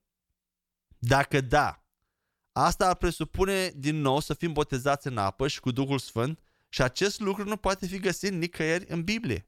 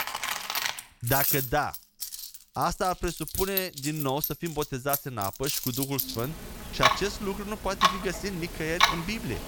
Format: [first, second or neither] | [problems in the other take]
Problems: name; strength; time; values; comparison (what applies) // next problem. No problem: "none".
first | household noises; very loud; throughout; 2 dB above the speech